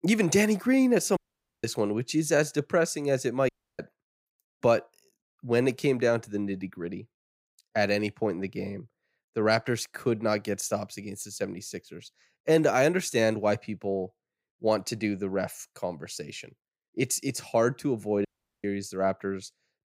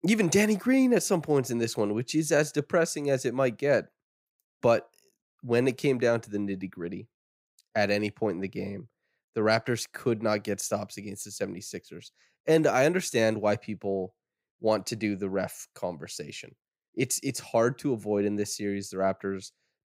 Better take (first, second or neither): second